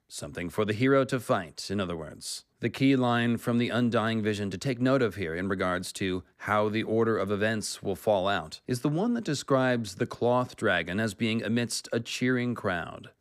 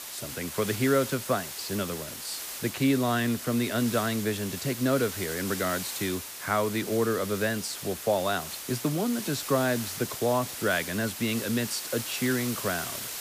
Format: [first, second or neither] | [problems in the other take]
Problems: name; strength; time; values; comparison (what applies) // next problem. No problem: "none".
first | hiss; loud; throughout; 6 dB below the speech